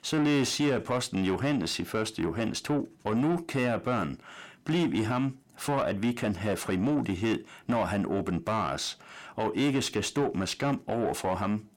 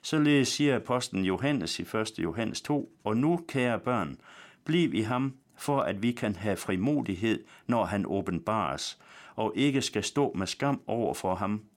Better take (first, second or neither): second